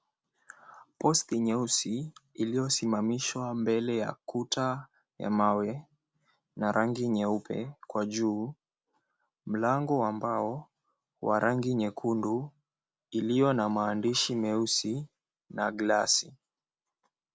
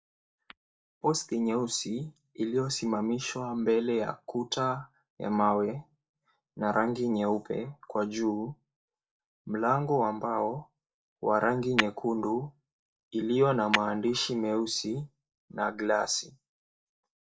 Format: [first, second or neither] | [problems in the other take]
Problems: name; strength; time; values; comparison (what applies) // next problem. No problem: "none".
first | noise reduction (neural mask model DeepFilterNet 3)